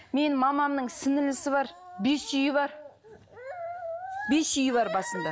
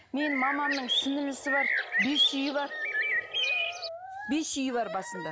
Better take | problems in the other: first | background sound (Bird); 3 dB above the speech

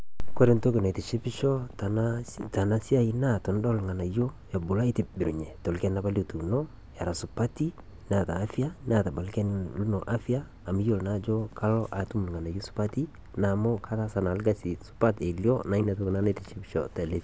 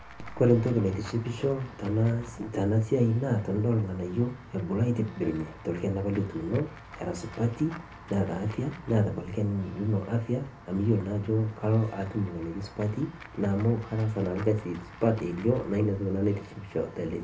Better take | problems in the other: first | background sound (Walk, footsteps / Run / Bell); 19 dB below the speech // room echo; dies away in 0.3 s

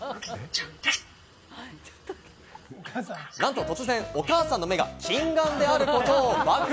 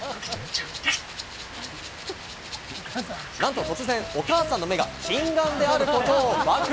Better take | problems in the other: first | background sound (Rattle (instrument) + Rain); 12 dB below the speech

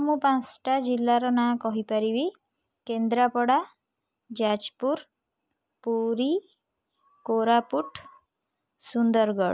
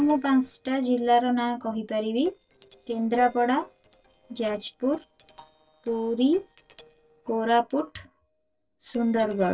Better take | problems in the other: first | noise reduction (neural separator model SepFormer DNS4)

